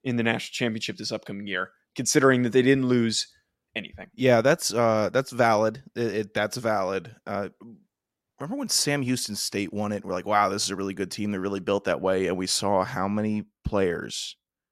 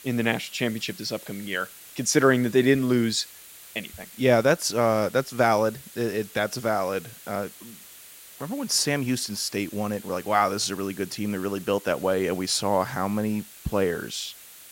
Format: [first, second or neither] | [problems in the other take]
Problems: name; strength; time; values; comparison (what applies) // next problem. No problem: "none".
first | hiss; noticeable; throughout; 20 dB below the speech